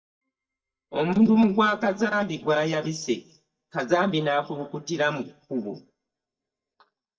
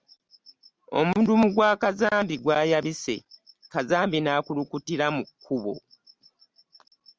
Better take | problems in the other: second | noise reduction (neural mask model DeepFilterNet 3)

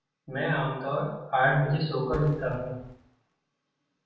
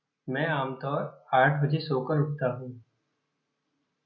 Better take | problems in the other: second | background sound (Fireworks); 14 dB below the speech // room echo; dies away in 0.7 s

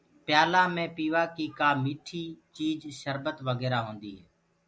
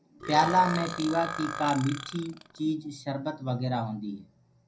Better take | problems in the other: first | background sound (Burping, eructation); 8 dB below the speech // room echo; dies away in 0.3 s

